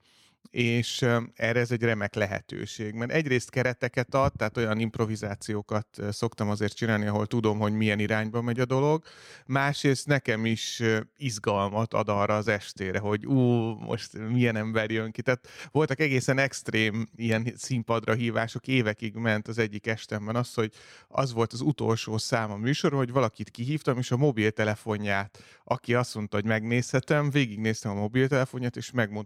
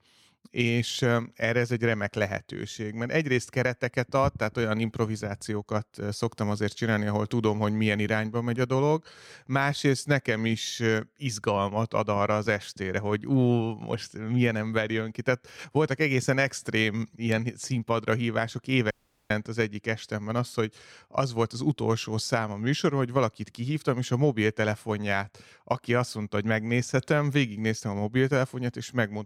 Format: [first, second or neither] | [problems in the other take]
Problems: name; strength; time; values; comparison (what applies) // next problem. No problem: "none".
first | audio cutting out; at 19 s